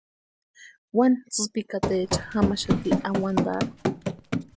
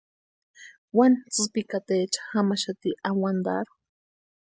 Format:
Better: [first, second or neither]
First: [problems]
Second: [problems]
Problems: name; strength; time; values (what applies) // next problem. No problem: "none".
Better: second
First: background sound (Run); as loud as the speech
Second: none